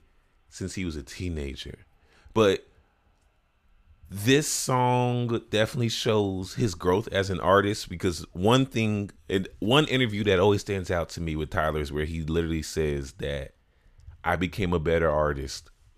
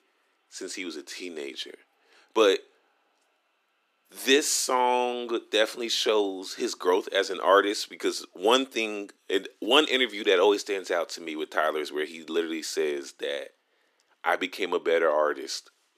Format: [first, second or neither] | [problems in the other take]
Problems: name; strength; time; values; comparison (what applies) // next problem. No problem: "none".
first | thin; somewhat; fading below 300 Hz